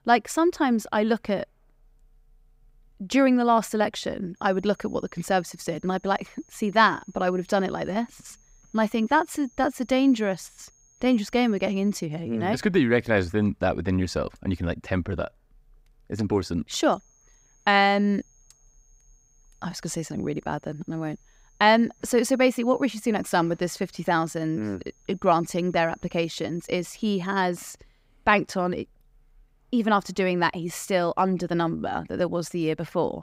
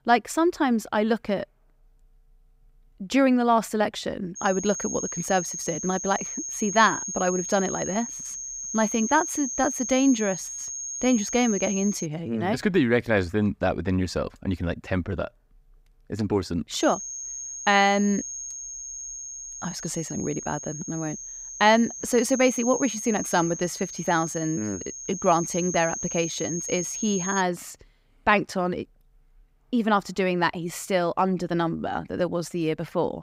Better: first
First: high-pitched whine; faint; from 4.5 to 12 s and from 17 to 27 s; 6.5 kHz, 35 dB below the speech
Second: high-pitched whine; loud; from 4.5 to 12 s and from 17 to 27 s; 6.5 kHz, 6 dB below the speech

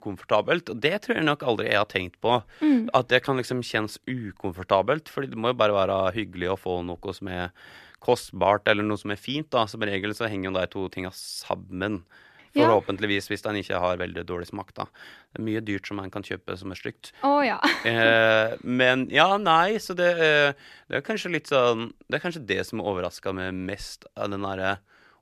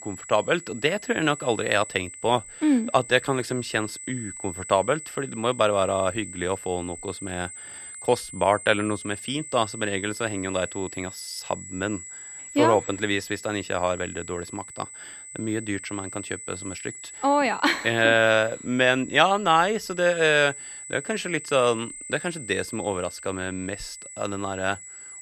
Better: first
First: none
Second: high-pitched whine; noticeable; throughout; 8 kHz, 15 dB below the speech

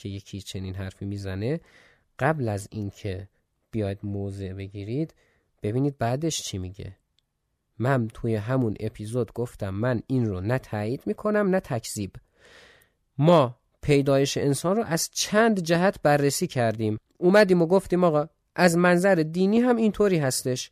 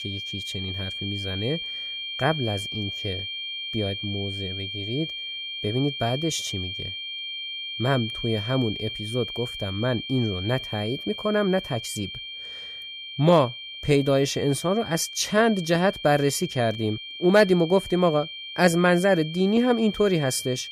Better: first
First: none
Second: high-pitched whine; loud; throughout; 3 kHz, 8 dB below the speech

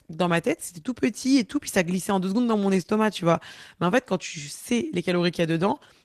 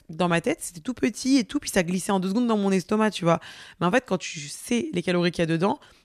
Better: second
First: garbled, watery; slightly; nothing above 14 kHz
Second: none

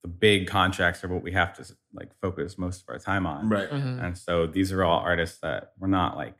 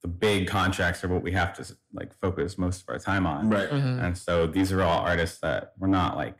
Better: first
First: none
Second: distortion; heavy; 7 dB below the speech

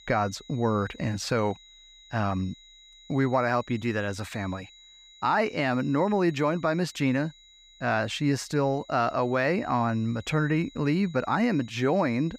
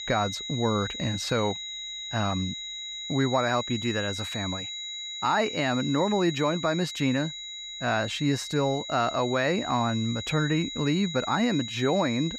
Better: first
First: high-pitched whine; faint; throughout; 4 kHz, 25 dB below the speech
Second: high-pitched whine; loud; throughout; 4 kHz, 7 dB below the speech

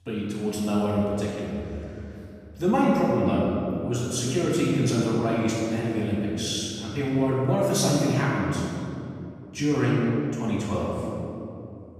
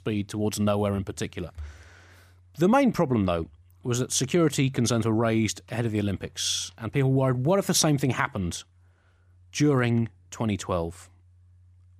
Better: second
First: room echo; strong; dies away in 2.6 s // off-mic speech; far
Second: none

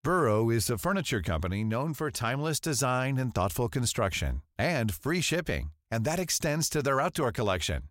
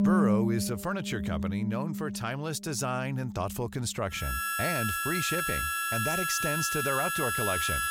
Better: first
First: none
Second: background music; very loud; throughout; 2 dB above the speech

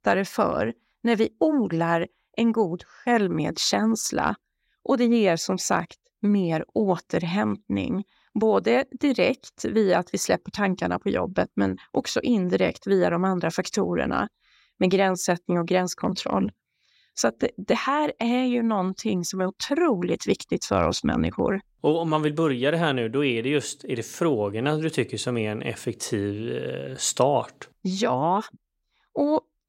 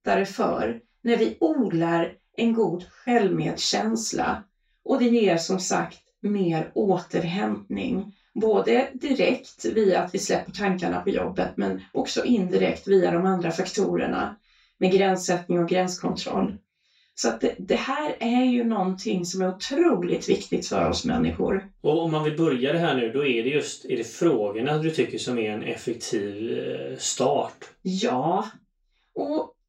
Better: first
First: none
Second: room echo; slight; dies away in 0.2 s // off-mic speech; far

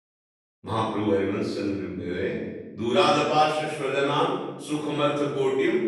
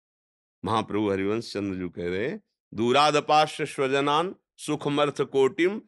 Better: second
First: off-mic speech; far // room echo; strong; dies away in 1.1 s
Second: none

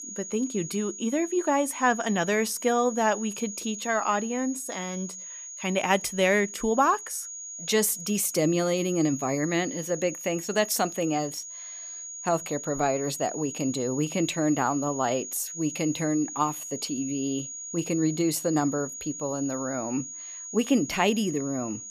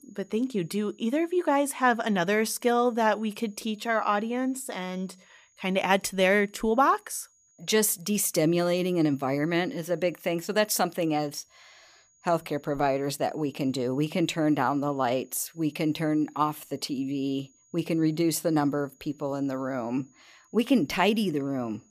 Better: second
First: high-pitched whine; loud; throughout; 6.5 kHz, 9 dB below the speech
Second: high-pitched whine; faint; throughout; 6.5 kHz, 35 dB below the speech

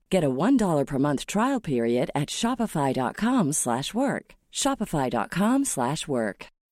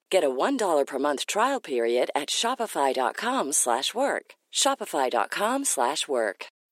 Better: first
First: none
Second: thin; somewhat; fading below 350 Hz

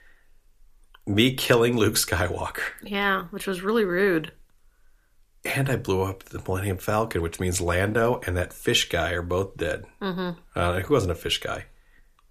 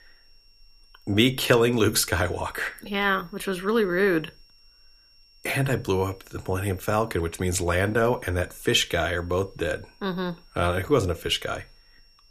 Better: first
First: none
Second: high-pitched whine; faint; throughout; 5.5 kHz, 30 dB below the speech

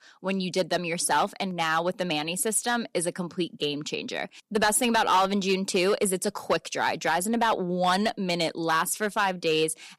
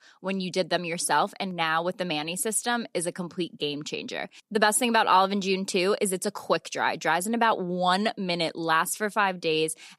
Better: second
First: distortion; slight; 3% of the sound clipped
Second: none

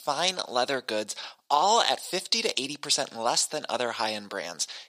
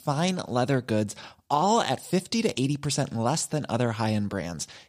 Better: second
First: thin; very; fading below 550 Hz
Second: none

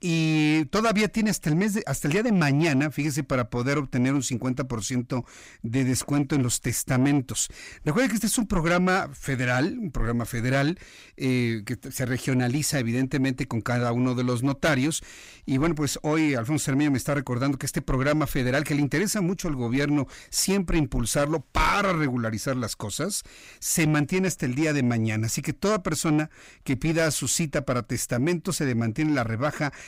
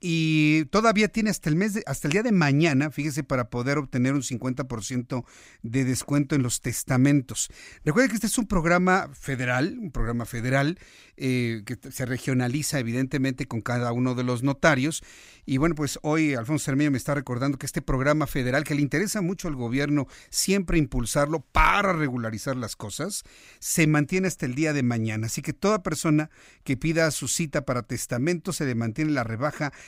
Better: second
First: distortion; slight; 10 dB below the speech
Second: none

